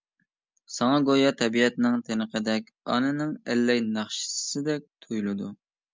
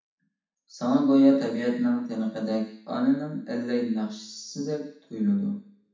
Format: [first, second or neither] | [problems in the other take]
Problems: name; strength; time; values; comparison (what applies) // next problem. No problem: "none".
first | room echo; dies away in 0.7 s